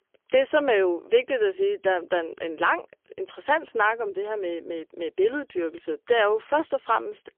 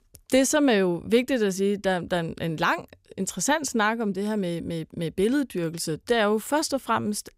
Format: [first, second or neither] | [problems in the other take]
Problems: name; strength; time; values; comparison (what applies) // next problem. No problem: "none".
second | phone-call audio; poor line; nothing above 3 kHz